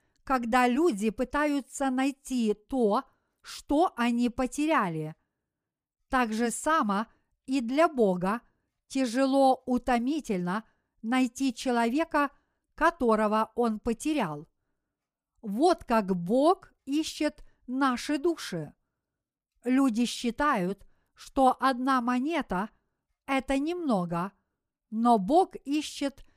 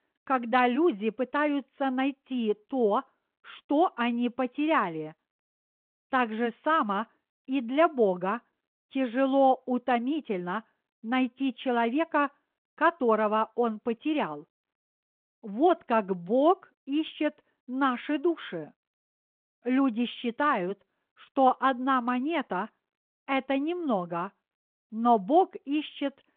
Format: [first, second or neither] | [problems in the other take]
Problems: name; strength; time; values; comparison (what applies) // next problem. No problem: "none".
first | phone-call audio